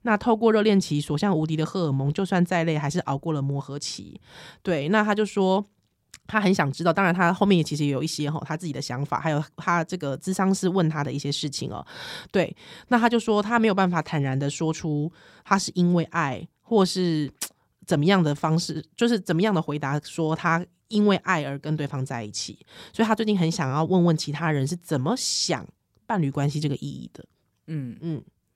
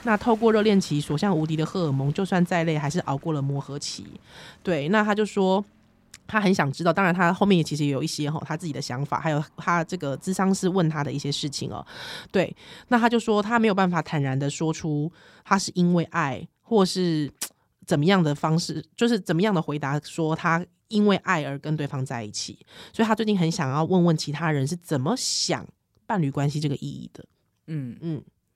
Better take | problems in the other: first | traffic noise; faint; until 13 s; 30 dB below the speech

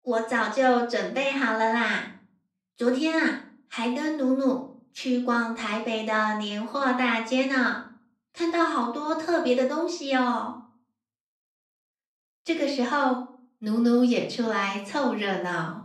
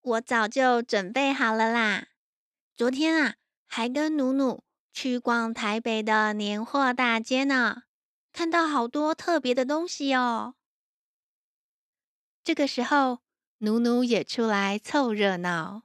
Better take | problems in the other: second | off-mic speech; far // room echo; slight; dies away in 0.4 s

